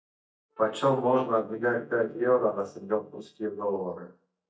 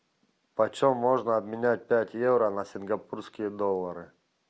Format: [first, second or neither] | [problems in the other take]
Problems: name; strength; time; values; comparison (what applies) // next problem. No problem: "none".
second | noise reduction (neural mask model DeepFilterNet 3)